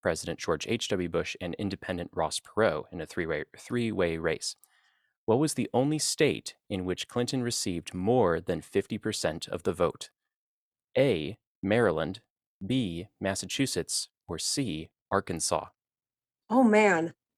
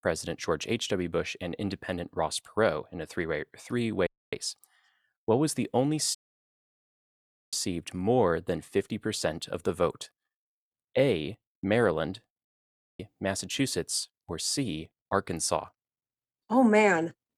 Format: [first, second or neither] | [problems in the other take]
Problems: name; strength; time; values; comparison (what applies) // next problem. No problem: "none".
first | audio cutting out; at 4 s, at 6 s for 1.5 s and at 12 s for 0.5 s